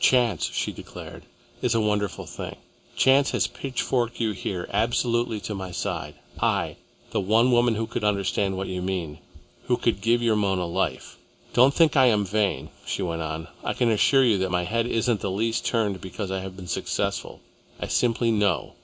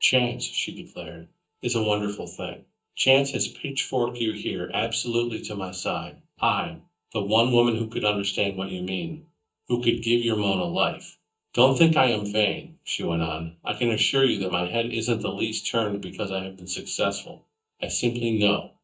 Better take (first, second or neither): first